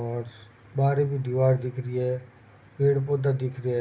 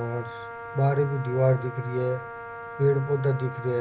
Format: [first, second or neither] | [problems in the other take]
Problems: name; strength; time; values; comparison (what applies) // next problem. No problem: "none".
first | background sound (Wind instrument, woodwind instrument); 12 dB below the speech